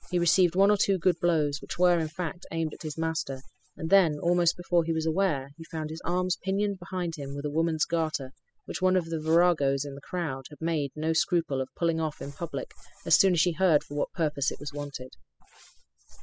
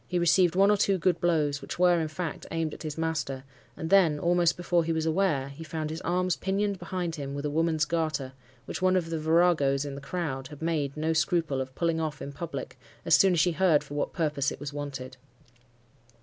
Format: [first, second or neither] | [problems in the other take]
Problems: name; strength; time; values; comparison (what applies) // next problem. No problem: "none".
second | noise reduction (classical method spectral subtraction)